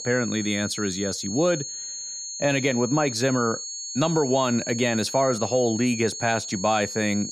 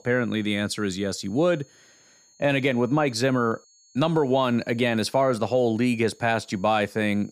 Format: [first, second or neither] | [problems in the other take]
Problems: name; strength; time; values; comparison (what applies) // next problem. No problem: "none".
second | high-pitched whine; loud; throughout; 6.5 kHz, 7 dB below the speech; faint in the second